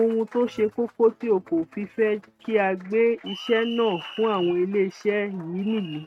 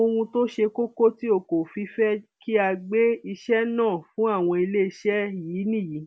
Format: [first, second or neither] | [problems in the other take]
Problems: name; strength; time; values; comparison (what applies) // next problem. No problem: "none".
second | noise reduction (neural mask model RNNoise)